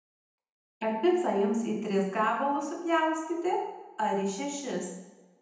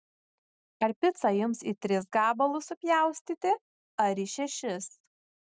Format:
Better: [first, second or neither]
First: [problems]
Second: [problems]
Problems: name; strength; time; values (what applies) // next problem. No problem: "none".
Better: second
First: room echo; dies away in 0.9 s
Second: none